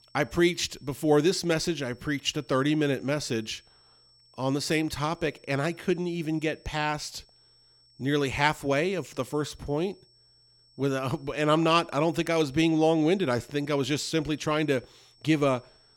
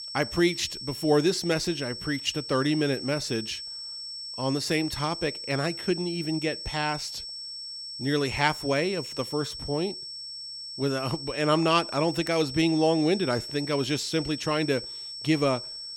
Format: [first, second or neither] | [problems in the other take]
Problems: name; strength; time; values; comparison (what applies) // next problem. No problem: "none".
first | high-pitched whine; loud; throughout; 5.5 kHz, 8 dB below the speech; faint in the first